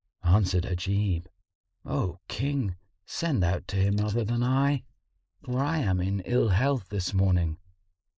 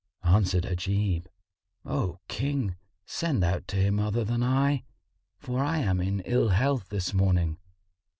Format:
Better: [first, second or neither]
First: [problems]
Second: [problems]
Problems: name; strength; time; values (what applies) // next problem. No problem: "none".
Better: second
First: noise reduction (neural mask model Resemble Enhance denoiser)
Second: none